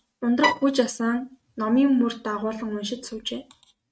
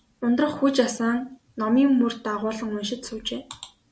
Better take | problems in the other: second | noise reduction (neural mask model RNNoise)

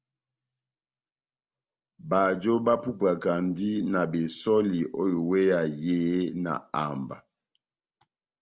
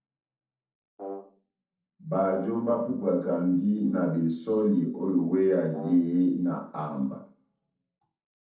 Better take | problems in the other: first | noise reduction (neural separator model SepFormer DNS4)

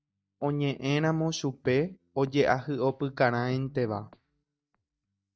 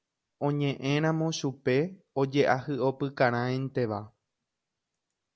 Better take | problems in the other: second | noise reduction (neural mask model DeepFilterNet 3)

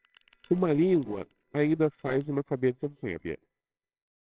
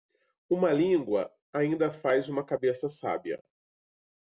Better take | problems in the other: second | noise reduction (neural separator model SepFormer WHAMR!)

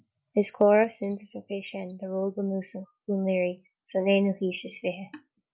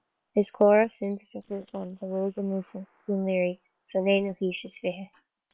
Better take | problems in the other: first | noise reduction (neural separator model SepFormer WHAM!)

